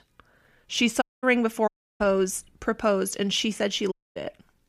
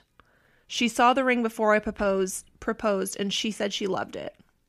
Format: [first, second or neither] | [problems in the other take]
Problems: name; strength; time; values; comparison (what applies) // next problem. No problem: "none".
second | audio cutting out; at 1 s, at 1.5 s and at 4 s